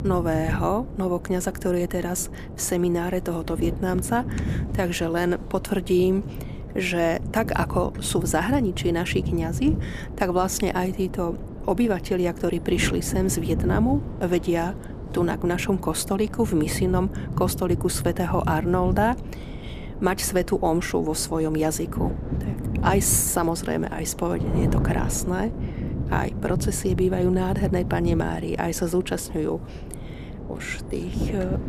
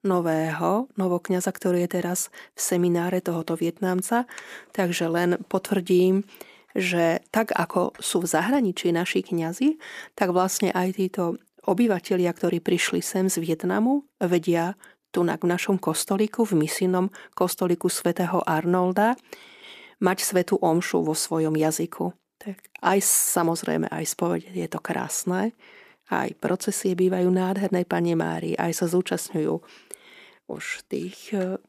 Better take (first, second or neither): second